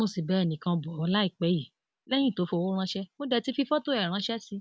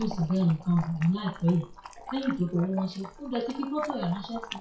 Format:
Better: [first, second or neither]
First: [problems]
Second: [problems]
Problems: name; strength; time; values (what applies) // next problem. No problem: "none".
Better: first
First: none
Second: noise reduction (classical method WPE with log-MMSE)